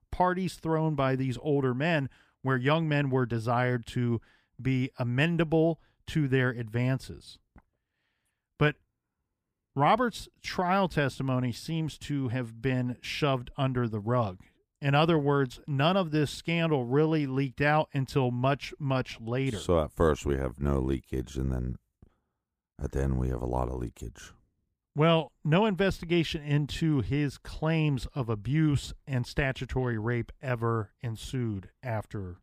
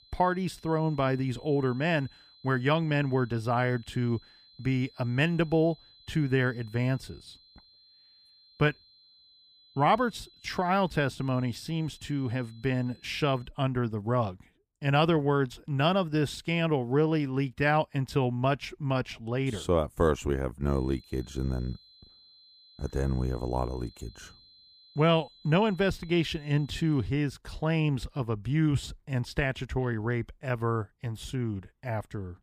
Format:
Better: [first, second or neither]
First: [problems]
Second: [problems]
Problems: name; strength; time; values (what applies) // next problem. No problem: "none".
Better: first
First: none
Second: high-pitched whine; faint; until 13 s and from 21 to 27 s; 4 kHz, 25 dB below the speech